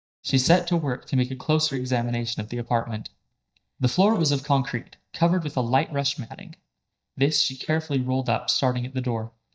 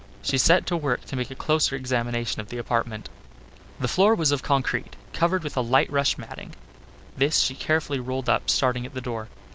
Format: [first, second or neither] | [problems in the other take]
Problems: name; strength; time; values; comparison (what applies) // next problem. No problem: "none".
second | noise reduction (neural mask model DeepFilterNet 3)